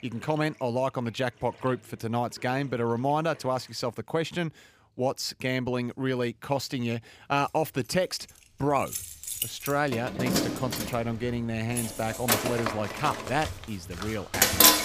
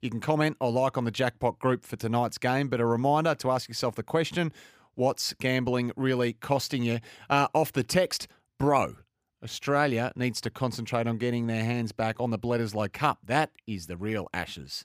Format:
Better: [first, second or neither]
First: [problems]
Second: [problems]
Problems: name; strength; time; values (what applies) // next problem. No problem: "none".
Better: second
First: household noises; very loud; throughout; 2 dB above the speech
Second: none